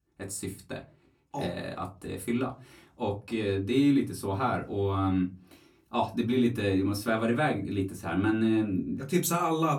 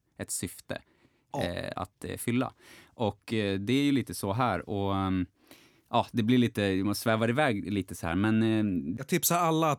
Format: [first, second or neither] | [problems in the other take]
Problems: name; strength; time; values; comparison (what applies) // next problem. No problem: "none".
second | off-mic speech; far // room echo; very slight; dies away in 0.2 s